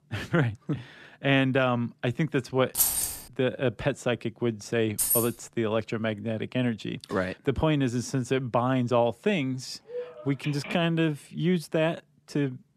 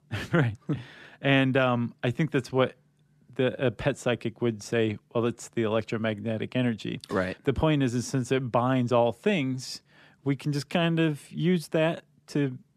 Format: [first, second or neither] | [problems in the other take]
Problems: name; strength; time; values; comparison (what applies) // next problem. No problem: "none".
second | jangling keys; loud; at 3 s and at 5 s; peak 5 dB above the speech // phone ringing; noticeable; at 10 s; peak 10 dB below the speech